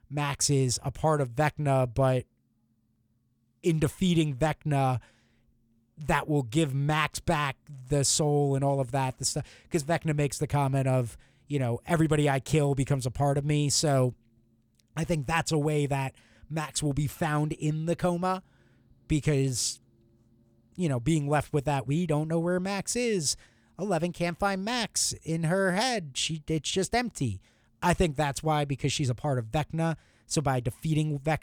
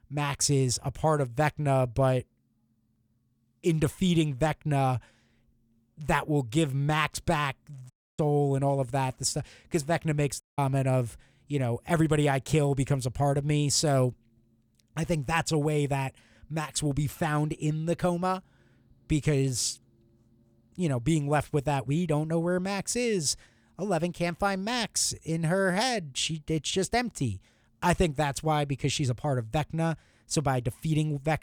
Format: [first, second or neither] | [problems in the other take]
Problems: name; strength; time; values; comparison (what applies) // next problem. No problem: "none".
first | audio cutting out; at 8 s and at 10 s